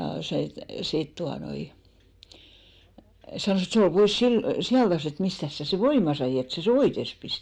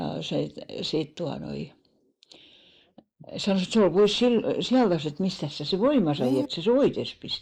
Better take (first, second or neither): first